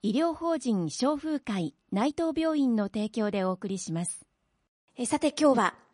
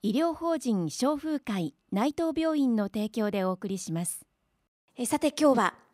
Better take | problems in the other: second | garbled, watery; slightly; nothing above 10.5 kHz

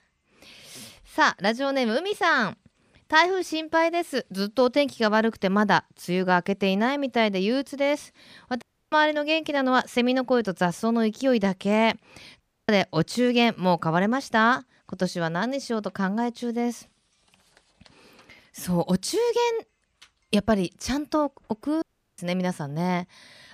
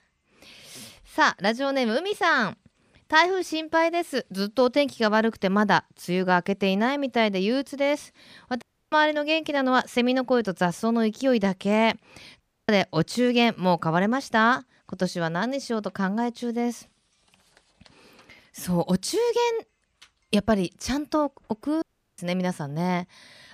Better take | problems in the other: neither | audio cutting out; at 8.5 s, at 12 s and at 22 s; the same in both

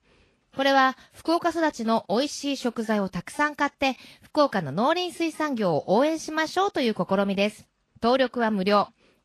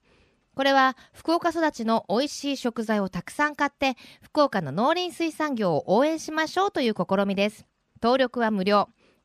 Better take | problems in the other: second | garbled, watery; slightly; nothing above 13 kHz

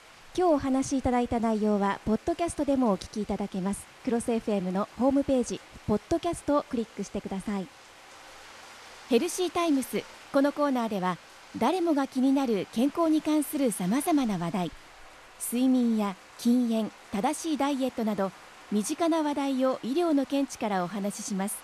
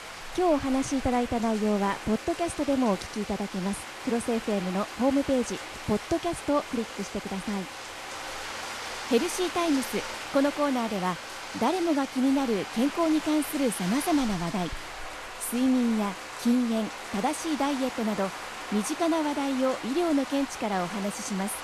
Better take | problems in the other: first | household noises; loud; throughout; 9 dB below the speech; faint in the first

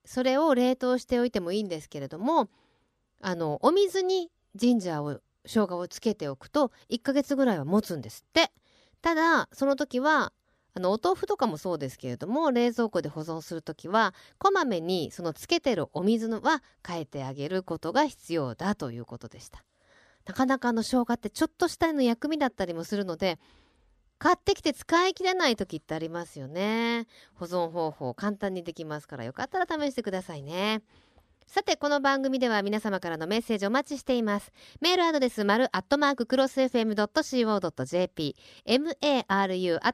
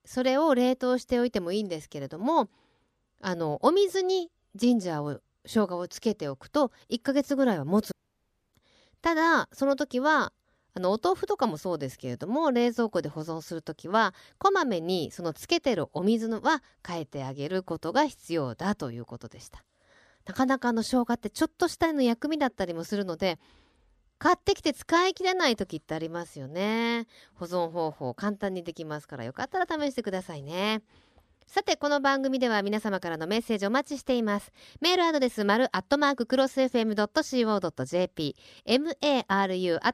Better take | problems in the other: first | audio cutting out; at 8 s for 0.5 s

